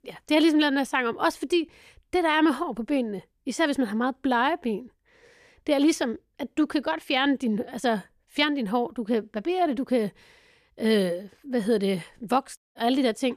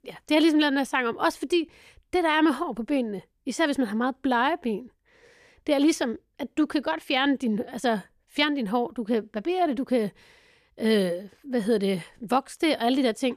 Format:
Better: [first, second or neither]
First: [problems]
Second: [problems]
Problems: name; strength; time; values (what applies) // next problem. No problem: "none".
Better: second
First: audio cutting out; at 13 s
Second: none